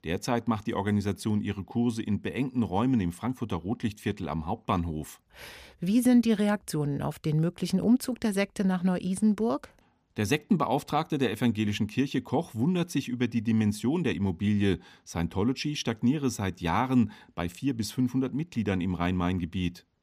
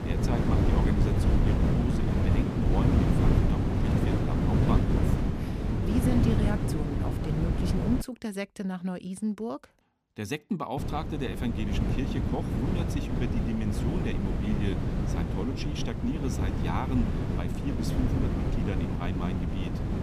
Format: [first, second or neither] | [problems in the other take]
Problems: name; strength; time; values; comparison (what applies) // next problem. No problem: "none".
first | wind noise on the microphone; heavy; until 8 s and from 11 s on; 2 dB above the speech